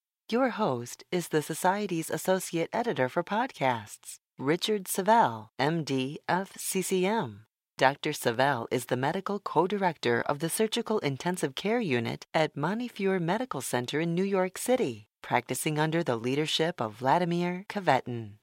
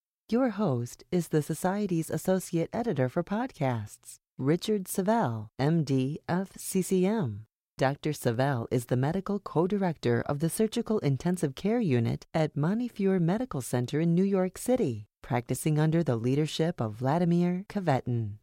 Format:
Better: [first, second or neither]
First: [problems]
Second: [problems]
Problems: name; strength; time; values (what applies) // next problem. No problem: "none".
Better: second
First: thin; somewhat; fading below 400 Hz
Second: none